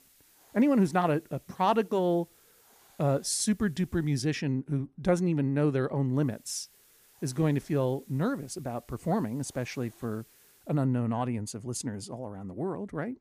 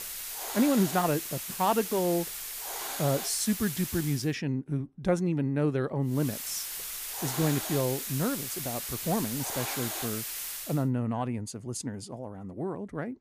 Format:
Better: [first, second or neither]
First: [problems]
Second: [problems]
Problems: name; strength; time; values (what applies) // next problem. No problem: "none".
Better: first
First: hiss; faint; until 4 s and from 6 to 11 s; 30 dB below the speech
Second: hiss; loud; until 4 s and from 6 to 11 s; 4 dB below the speech